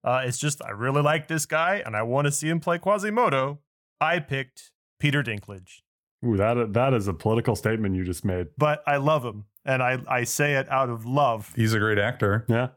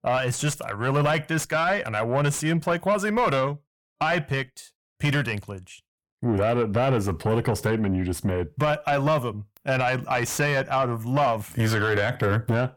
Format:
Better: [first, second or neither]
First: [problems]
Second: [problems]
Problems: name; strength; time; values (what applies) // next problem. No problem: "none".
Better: first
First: none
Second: distortion; slight; 9 dB below the speech